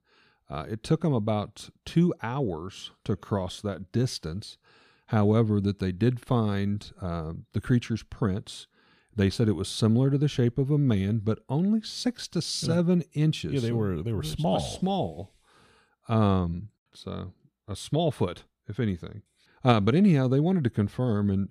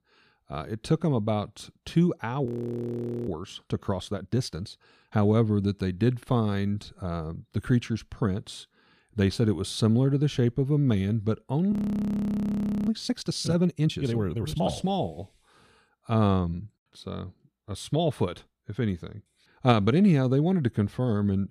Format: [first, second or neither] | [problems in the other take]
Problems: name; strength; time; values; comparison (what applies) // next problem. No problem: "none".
first | audio freezing; at 2.5 s for 1 s and at 12 s for 1 s